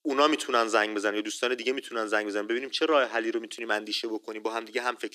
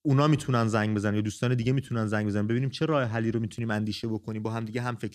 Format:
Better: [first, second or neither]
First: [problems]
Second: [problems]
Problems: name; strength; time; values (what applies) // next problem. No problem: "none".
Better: second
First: thin; very; fading below 350 Hz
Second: none